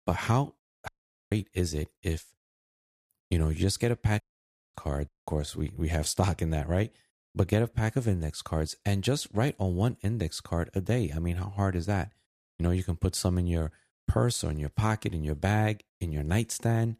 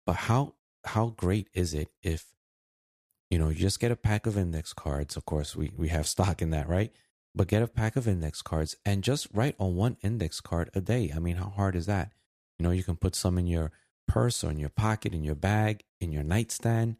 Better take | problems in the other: second | audio cutting out; at 1 s, at 4 s for 0.5 s and at 5 s

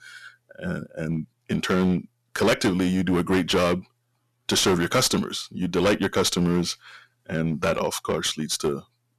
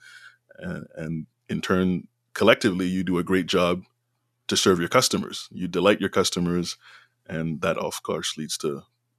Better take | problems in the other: second | distortion; heavy; 9% of the sound clipped

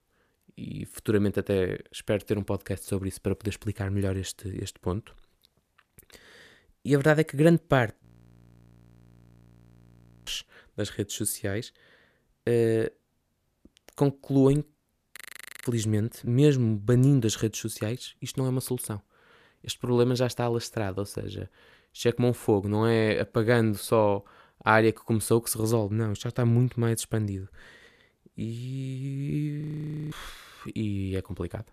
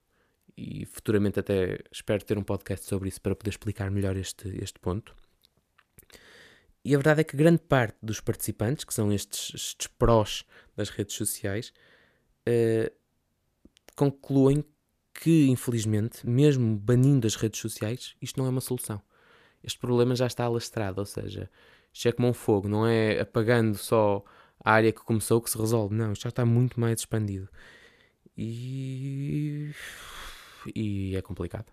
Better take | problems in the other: second | audio freezing; at 8 s for 2 s, at 15 s and at 30 s for 0.5 s

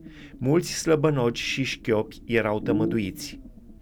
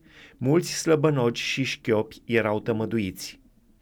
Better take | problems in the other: second | low rumble; loud; throughout; 8 dB below the speech; faint in the second

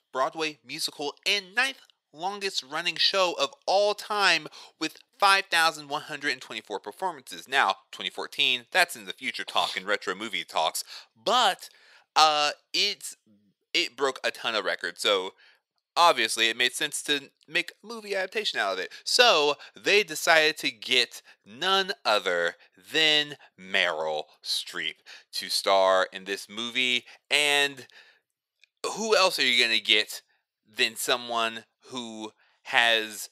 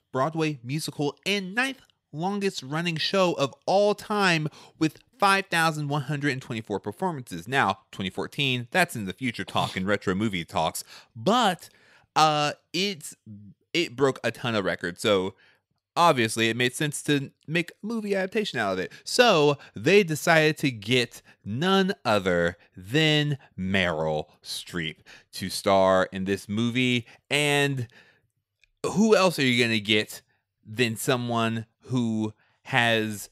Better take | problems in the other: second | thin; very; fading below 550 Hz

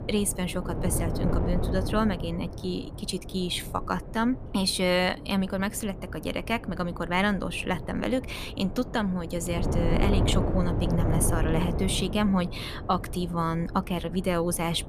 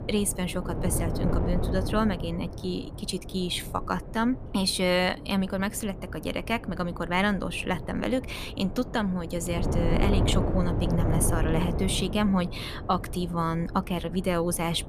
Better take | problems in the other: neither | wind noise on the microphone; heavy; 9 dB below the speech; the same in both

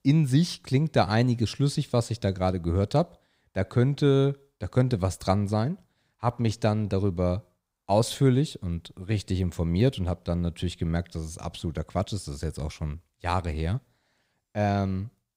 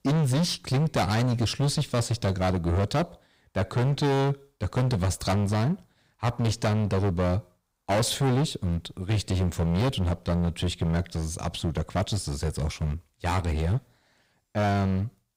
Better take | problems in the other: first | distortion; heavy; 19% of the sound clipped

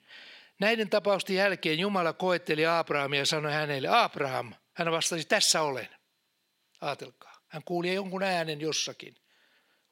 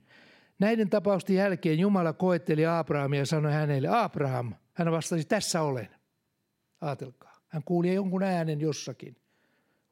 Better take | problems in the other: second | thin; somewhat; fading below 850 Hz

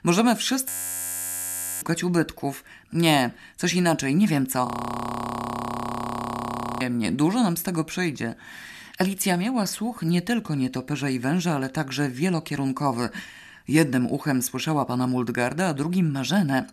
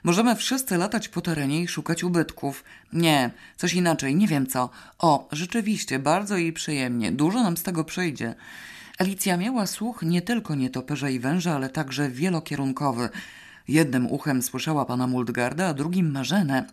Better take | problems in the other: second | audio freezing; at 0.5 s for 1 s and at 4.5 s for 2 s

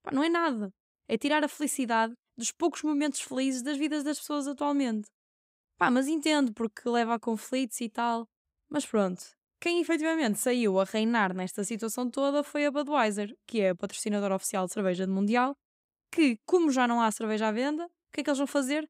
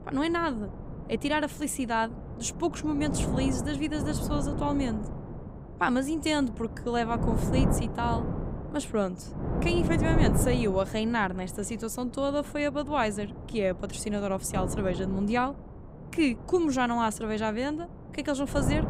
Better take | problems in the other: first | wind noise on the microphone; heavy; 9 dB below the speech

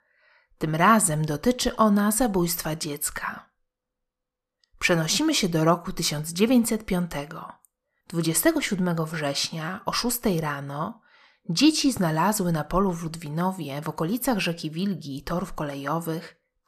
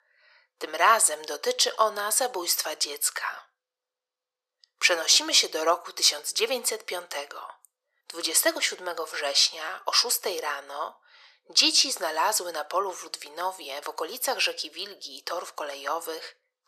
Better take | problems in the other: first | thin; very; fading below 400 Hz

